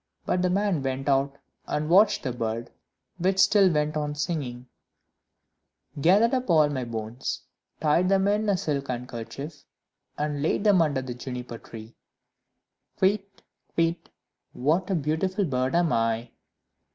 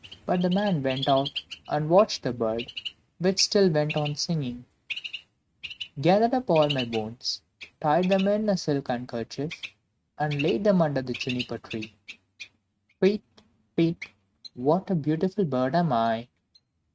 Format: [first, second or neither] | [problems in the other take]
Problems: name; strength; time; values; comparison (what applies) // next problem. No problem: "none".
first | noise reduction (neural mask model RNNoise)